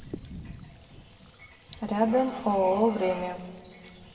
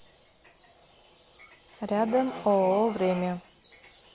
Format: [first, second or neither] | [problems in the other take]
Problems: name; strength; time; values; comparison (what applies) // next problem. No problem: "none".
second | background sound (Thunder); 17 dB below the speech // room echo; dies away in 1.2 s